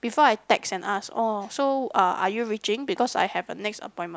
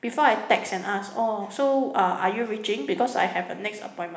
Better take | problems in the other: first | room echo; dies away in 1.1 s

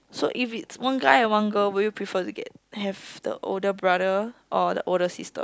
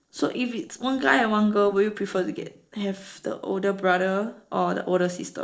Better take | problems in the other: first | noise reduction (neural separator model SepFormer DNS4)

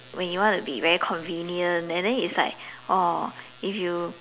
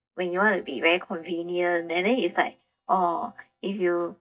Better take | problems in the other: first | noise reduction (neural mask model DeepFilterNet 3)

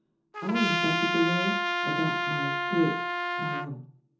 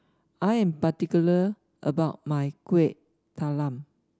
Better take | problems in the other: second | background sound (Trumpet); 2 dB above the speech // room echo; dies away in 0.6 s

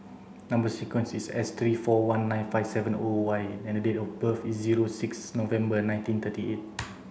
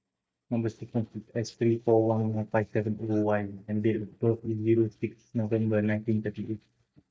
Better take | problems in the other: first | noise reduction (neural mask model DeepFilterNet 3)

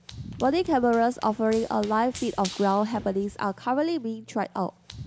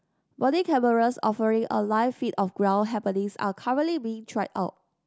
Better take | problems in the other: second | background sound (Run); 17 dB below the speech

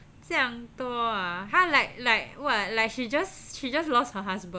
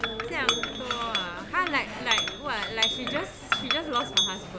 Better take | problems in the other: first | background sound (Chink, clink); 2 dB above the speech

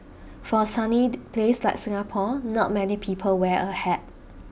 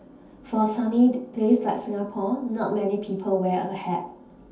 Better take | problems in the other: first | room echo; dies away in 0.5 s

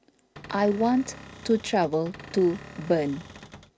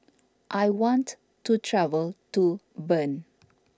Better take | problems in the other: second | background sound (Cupboard open or close / Door); 17 dB below the speech

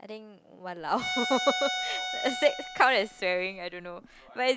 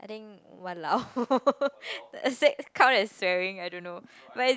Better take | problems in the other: second | background sound (Bowed string instrument); 6 dB below the speech

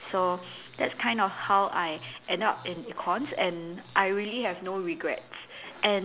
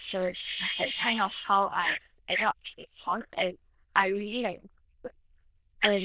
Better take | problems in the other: first | noise reduction (neural diffusion model UNIVERSE++)

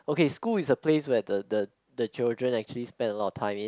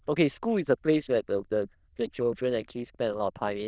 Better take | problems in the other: first | noise reduction (neural diffusion model UNIVERSE++)

